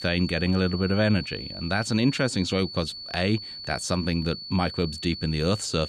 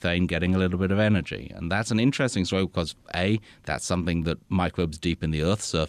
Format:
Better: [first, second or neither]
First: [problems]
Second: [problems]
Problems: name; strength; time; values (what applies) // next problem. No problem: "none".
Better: second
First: high-pitched whine; loud; throughout; 4.5 kHz, 9 dB below the speech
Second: none